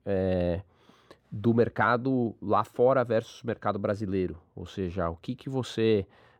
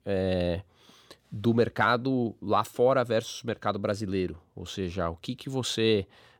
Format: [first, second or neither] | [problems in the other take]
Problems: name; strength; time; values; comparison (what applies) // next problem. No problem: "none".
second | muffled; slightly; fading above 2.5 kHz